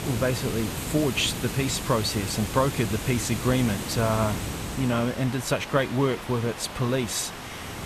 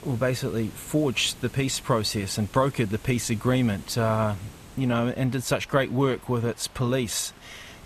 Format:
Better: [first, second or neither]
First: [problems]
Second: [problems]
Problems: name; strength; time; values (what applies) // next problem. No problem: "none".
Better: second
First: hiss; loud; throughout; 7 dB below the speech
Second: hiss; faint; throughout; 20 dB below the speech